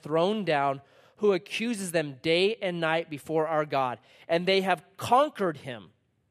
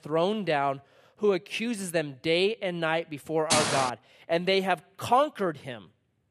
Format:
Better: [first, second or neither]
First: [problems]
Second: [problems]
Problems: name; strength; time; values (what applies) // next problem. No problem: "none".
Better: first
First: none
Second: footsteps; loud; at 3.5 s; peak 3 dB above the speech